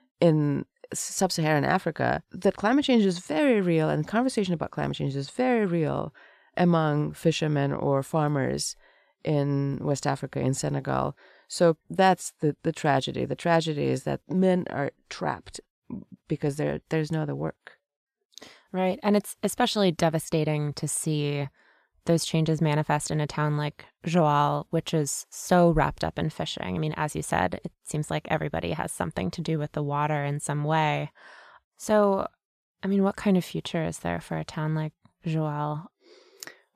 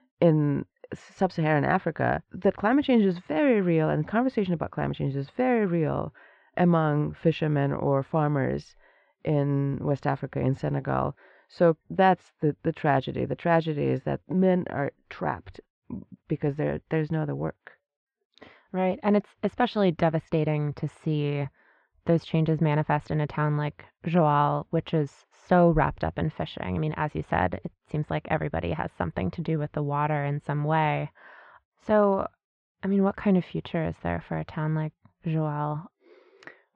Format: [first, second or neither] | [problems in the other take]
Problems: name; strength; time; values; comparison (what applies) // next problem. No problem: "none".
first | muffled; very; fading above 2.5 kHz